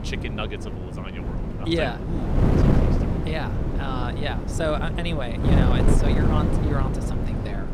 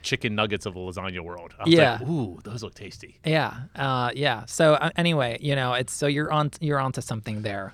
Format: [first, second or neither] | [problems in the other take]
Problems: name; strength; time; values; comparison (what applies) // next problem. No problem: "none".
second | wind noise on the microphone; heavy; 1 dB below the speech